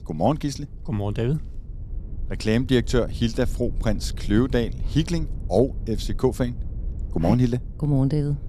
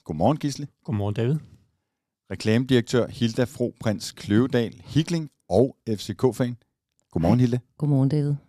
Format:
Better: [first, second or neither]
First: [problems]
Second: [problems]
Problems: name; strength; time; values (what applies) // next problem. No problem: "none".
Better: second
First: low rumble; faint; throughout; 20 dB below the speech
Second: none